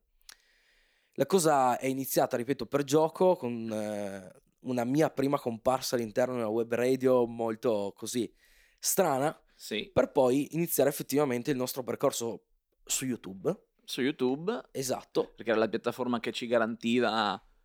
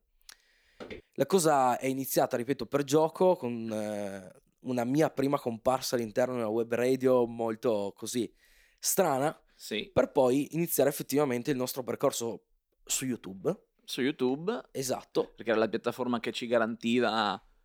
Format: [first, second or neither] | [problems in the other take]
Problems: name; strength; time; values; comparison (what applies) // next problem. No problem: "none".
first | footsteps; faint; at 1 s; peak 15 dB below the speech